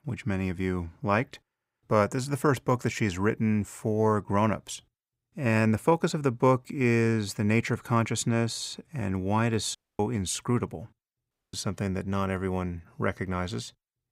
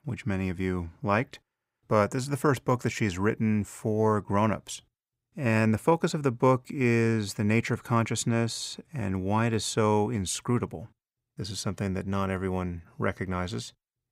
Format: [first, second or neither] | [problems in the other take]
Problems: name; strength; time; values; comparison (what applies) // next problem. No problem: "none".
second | audio cutting out; at 10 s and at 11 s